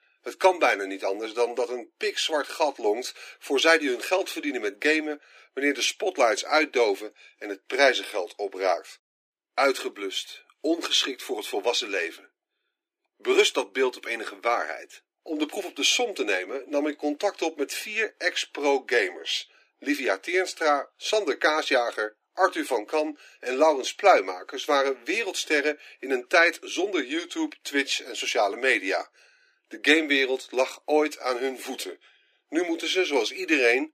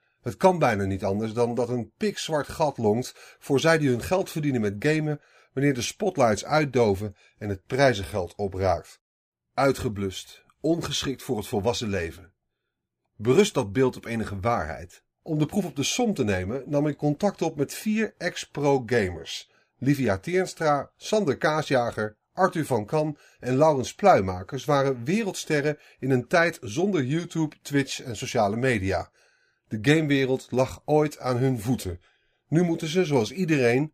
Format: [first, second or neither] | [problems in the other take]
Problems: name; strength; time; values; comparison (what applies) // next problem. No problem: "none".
second | thin; somewhat; fading below 300 Hz